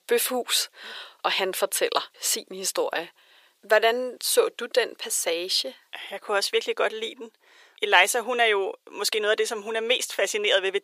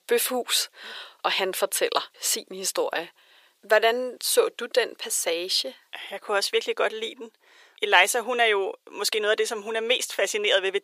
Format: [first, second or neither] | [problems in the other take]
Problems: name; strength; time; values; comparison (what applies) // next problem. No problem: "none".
neither | thin; very; fading below 450 Hz; the same in both